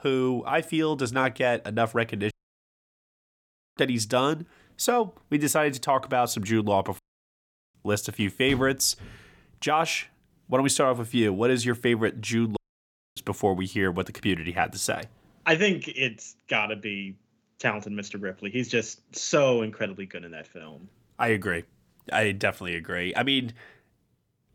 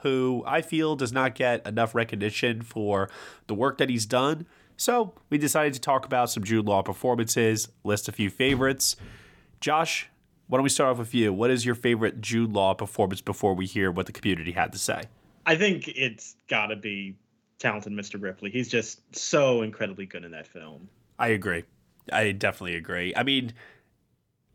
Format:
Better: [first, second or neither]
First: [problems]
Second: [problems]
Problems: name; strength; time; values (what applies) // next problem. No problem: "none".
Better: second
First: audio cutting out; at 2.5 s for 1.5 s, at 7 s for 1 s and at 13 s for 0.5 s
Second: none